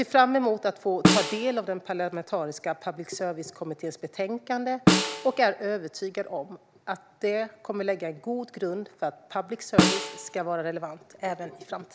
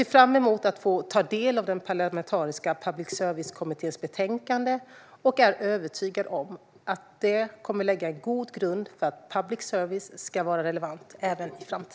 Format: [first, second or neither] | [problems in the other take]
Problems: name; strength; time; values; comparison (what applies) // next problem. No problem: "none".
second | background sound (Snare drum); 2 dB above the speech